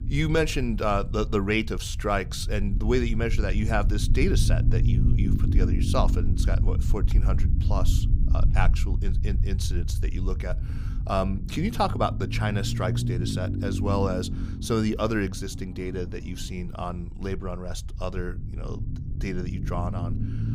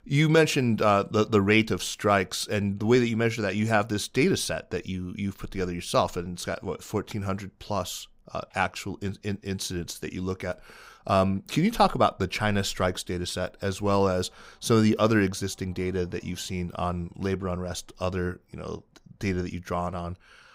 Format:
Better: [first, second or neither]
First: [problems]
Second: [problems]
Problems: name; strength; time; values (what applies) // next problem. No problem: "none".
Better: second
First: low rumble; noticeable; throughout; 10 dB below the speech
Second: none